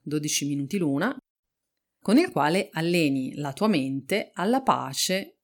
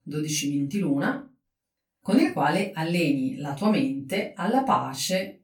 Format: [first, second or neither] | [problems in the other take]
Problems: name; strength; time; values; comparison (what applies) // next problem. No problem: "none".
first | off-mic speech; far // room echo; very slight; dies away in 0.2 s